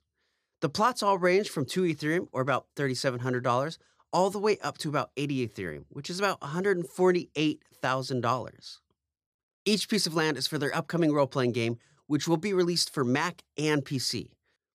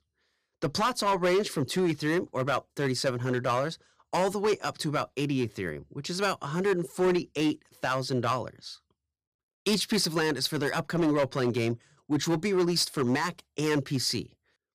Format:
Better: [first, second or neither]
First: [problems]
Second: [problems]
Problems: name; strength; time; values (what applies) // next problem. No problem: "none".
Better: first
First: none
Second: distortion; slight; 6% of the sound clipped